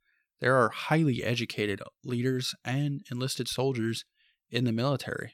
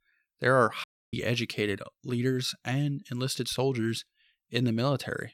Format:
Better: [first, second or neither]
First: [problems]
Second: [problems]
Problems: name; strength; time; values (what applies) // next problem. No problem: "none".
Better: first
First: none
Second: audio cutting out; at 1 s